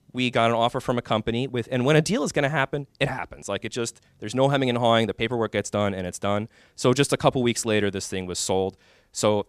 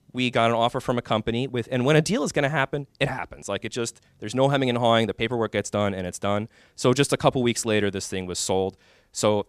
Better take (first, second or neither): neither